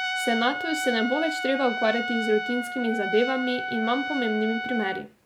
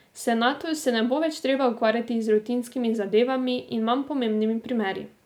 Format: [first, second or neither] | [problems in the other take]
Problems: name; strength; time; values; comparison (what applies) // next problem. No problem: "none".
second | background sound (Trumpet); 4 dB below the speech